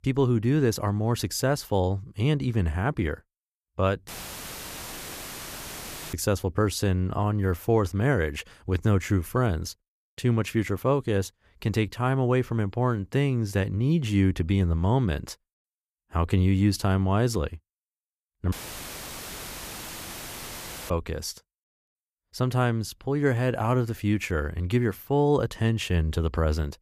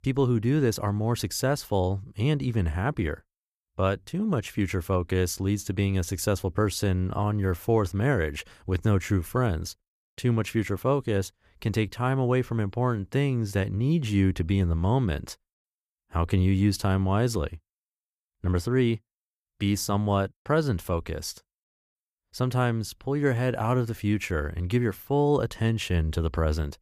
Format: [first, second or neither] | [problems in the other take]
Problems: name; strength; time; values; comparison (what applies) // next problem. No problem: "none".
second | audio cutting out; filled with static; at 4 s for 2 s and at 19 s for 2.5 s